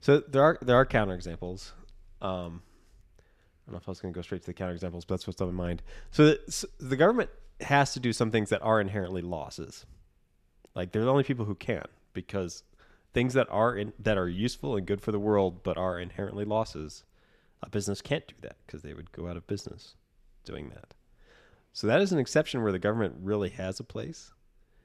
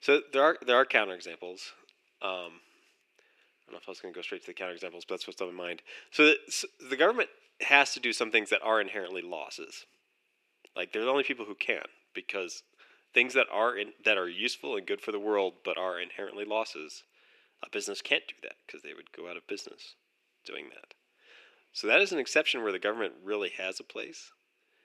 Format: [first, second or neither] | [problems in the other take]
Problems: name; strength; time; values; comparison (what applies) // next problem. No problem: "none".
first | thin; somewhat; fading below 350 Hz